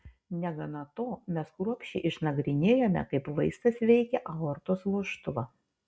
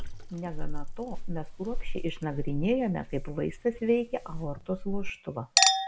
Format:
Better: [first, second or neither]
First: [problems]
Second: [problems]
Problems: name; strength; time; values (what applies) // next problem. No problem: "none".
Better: first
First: none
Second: background sound (Chink, clink); 2 dB above the speech